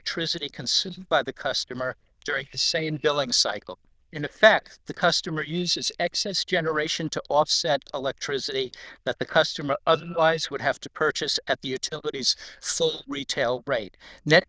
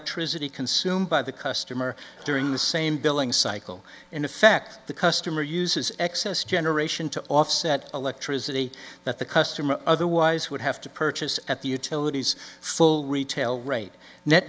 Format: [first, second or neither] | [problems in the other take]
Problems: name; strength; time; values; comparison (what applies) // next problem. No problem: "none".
second | noise reduction (neural diffusion model UNIVERSE++)